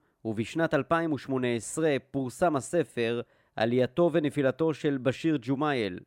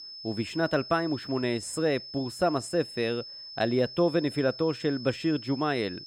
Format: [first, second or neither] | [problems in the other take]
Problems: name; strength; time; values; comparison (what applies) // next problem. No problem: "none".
first | high-pitched whine; noticeable; throughout; 5 kHz, 10 dB below the speech